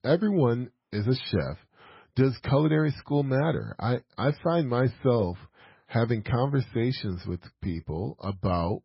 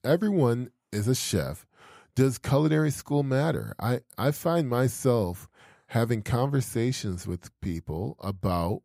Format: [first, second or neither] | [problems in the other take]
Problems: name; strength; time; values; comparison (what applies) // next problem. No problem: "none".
second | garbled, watery; badly; nothing above 5.5 kHz